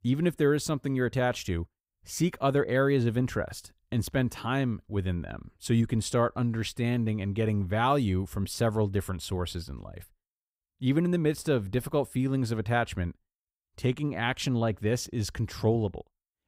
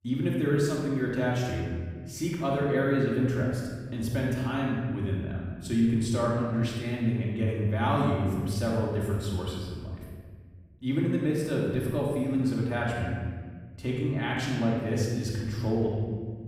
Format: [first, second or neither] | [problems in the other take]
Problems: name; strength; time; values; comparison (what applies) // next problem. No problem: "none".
first | off-mic speech; far // room echo; strong; dies away in 1.5 s